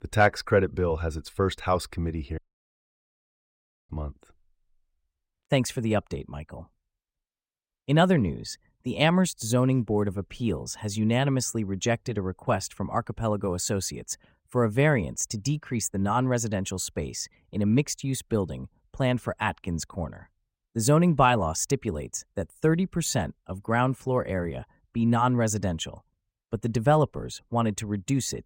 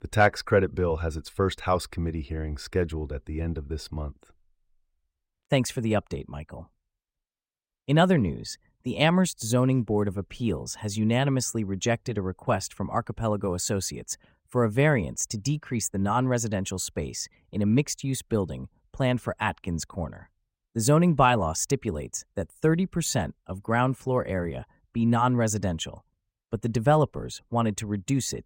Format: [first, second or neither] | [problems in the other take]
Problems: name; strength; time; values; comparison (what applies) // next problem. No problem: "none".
second | audio cutting out; at 2.5 s for 1.5 s